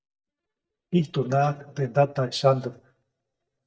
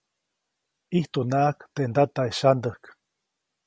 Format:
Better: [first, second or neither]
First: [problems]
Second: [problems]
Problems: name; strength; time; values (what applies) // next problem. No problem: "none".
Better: second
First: noise reduction (neural mask model DeepFilterNet 3)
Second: none